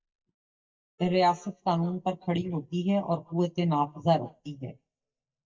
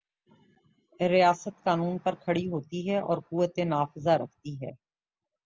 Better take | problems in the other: second | noise reduction (neural mask model DeepFilterNet 3)

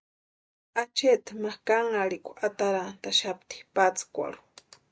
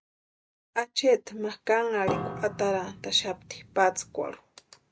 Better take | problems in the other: first | background sound (Piano); 8 dB below the speech

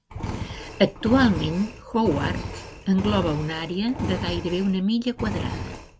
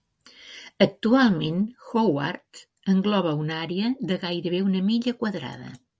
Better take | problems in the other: second | background sound (Engine); 7 dB below the speech

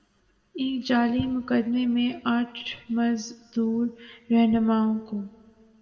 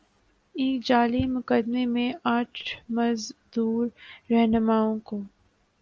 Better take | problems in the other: second | room echo; dies away in 1 s

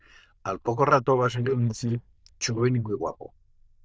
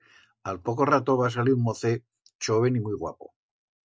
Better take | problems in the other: second | noise reduction (neural diffusion model UNIVERSE++)

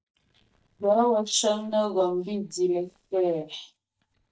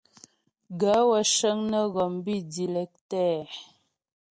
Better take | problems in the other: second | noise reduction (neural mask model DeepFilterNet 3)

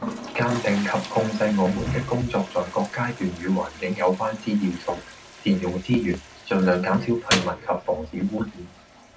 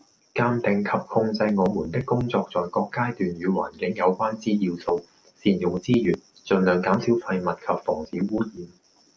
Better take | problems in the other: second | background sound (Toilet flush); 10 dB below the speech // room echo; dies away in 0.3 s

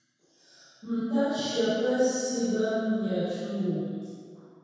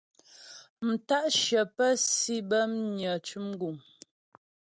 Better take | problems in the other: second | room echo; dies away in 2 s

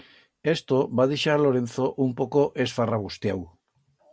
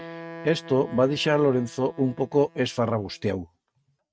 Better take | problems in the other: first | noise reduction (neural mask model RNNoise)

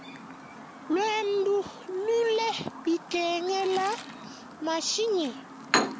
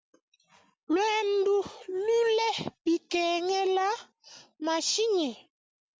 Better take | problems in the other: second | background sound (Chirp, tweet); 8 dB below the speech

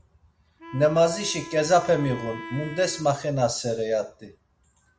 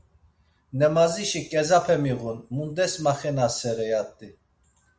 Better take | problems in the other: second | background sound (Wind instrument, woodwind instrument); 16 dB below the speech

